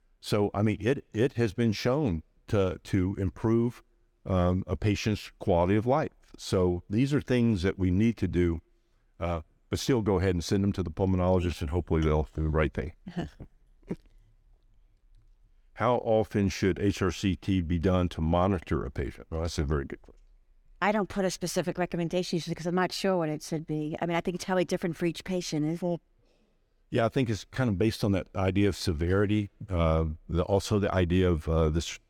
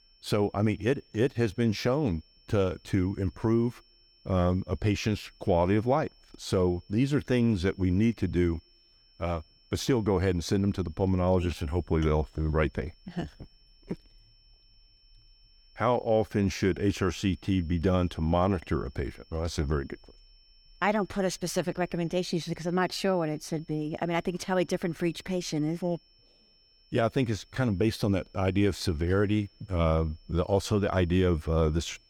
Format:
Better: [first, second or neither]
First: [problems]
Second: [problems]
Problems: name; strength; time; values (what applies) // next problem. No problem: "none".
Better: first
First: none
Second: high-pitched whine; faint; throughout; 5.5 kHz, 30 dB below the speech